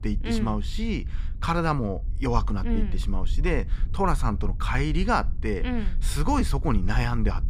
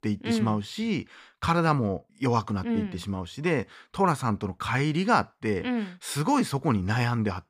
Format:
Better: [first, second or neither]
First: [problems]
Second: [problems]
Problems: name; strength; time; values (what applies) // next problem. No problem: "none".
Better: second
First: wind noise on the microphone; occasional gusts; 20 dB below the speech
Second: none